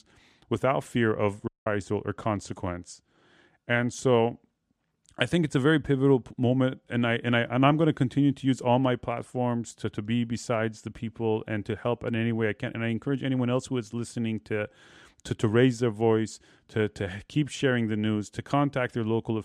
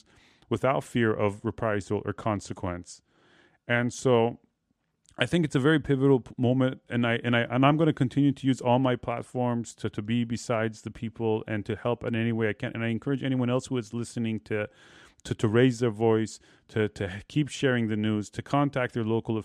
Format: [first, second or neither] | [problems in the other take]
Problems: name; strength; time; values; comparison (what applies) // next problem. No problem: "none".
second | audio cutting out; at 1.5 s